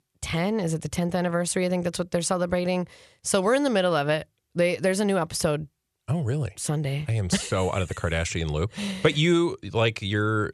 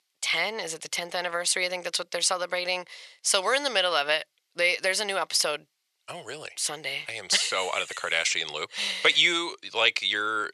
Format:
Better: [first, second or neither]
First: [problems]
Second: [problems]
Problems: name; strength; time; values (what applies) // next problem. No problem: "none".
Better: first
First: none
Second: thin; very; fading below 700 Hz